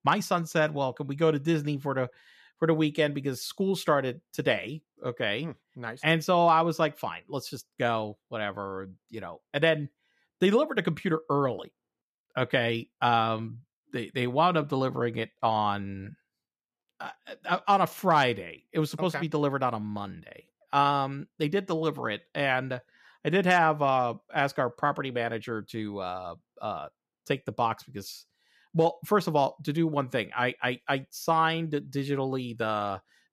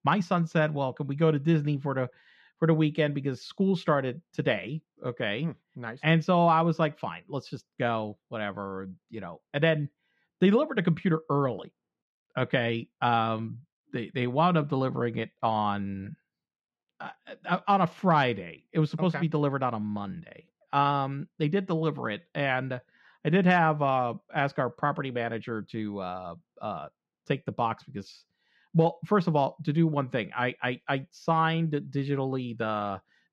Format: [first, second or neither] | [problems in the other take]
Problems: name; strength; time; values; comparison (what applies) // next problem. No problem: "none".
first | muffled; very slightly; fading above 3.5 kHz